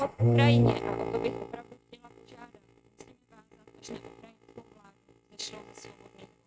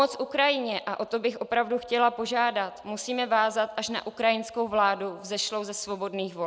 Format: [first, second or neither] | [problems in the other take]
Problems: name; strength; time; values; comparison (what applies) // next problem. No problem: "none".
second | noise reduction (neural mask model RNNoise)